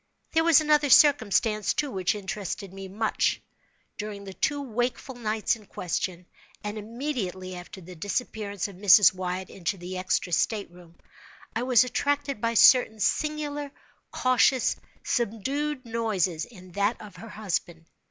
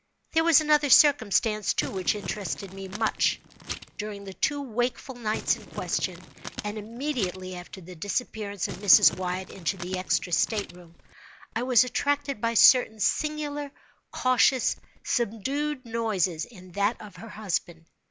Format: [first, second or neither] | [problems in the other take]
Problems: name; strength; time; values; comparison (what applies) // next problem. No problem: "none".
first | background sound (Crumpling, crinkling); 12 dB below the speech